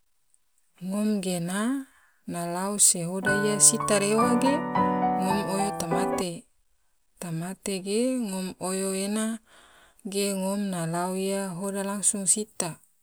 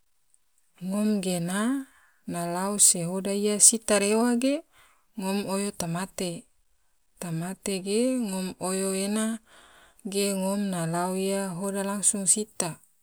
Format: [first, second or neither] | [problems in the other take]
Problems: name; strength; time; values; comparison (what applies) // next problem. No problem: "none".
second | background sound (Piano); 1 dB above the speech